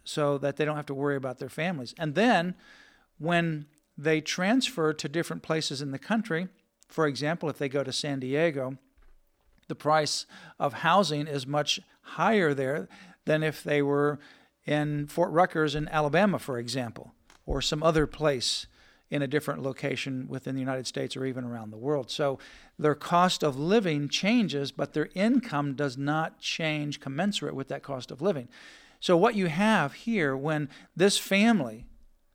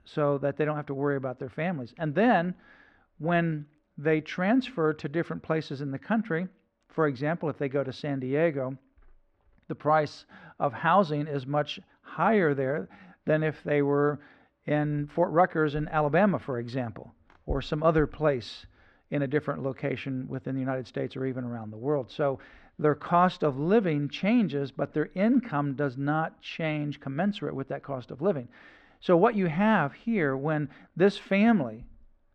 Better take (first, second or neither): first